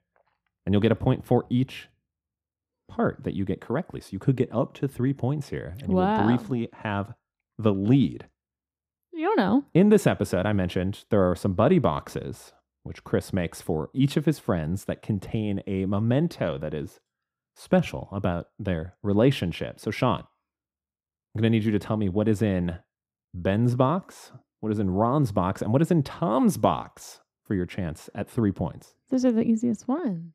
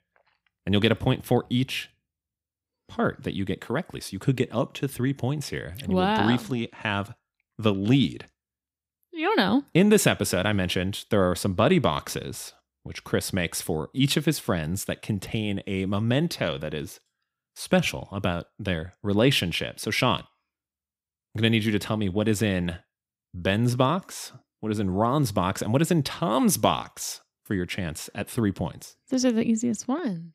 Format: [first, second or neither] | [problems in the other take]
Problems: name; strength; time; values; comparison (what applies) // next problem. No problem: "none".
second | muffled; slightly; fading above 1.5 kHz